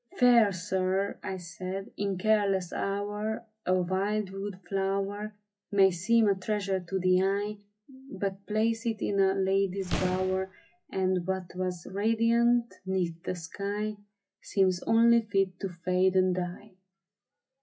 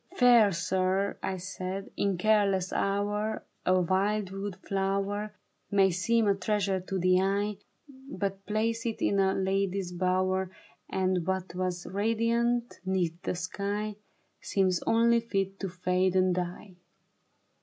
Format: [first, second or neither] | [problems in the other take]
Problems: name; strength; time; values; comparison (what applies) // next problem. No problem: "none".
second | noise reduction (classical method WPE with log-MMSE)